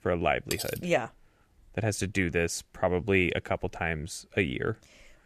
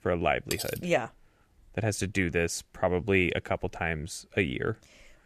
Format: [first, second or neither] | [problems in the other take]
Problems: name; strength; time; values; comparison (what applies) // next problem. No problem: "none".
neither | clattering dishes; noticeable; at 0.5 s; peak 6 dB below the speech; the same in both